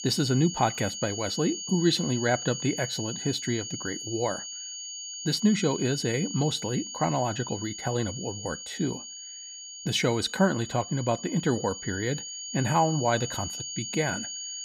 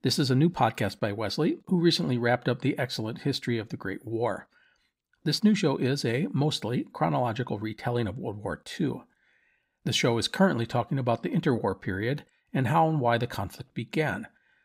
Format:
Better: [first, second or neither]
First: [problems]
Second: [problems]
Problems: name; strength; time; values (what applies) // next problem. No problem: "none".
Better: second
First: high-pitched whine; loud; throughout; 6.5 kHz, 7 dB below the speech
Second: none